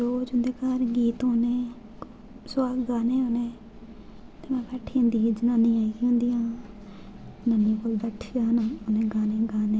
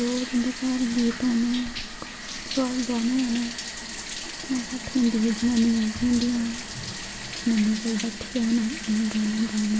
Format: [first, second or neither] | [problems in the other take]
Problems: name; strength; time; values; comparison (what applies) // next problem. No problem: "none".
first | background sound (Bathtub (filling or washing)); 10 dB below the speech